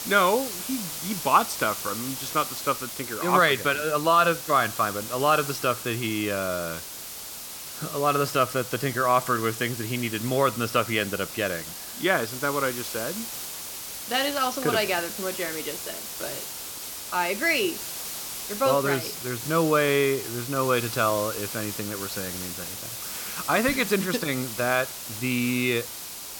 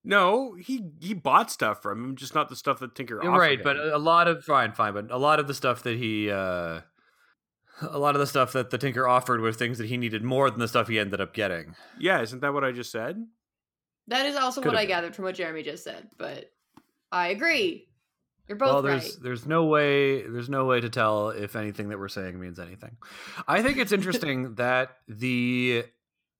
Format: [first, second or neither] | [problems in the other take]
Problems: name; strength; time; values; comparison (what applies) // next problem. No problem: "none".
second | hiss; loud; throughout; 7 dB below the speech